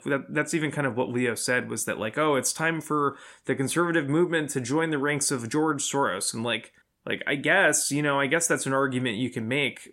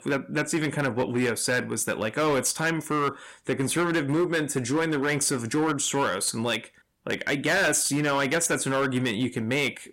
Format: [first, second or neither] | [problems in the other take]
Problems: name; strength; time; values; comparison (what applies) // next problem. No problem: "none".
first | distortion; slight; 11% of the sound clipped